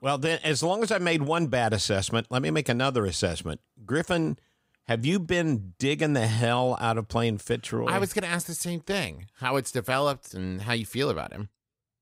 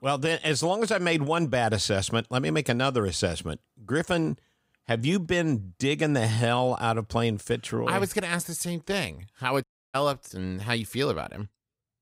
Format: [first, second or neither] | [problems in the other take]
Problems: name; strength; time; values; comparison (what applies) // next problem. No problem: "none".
first | audio cutting out; at 9.5 s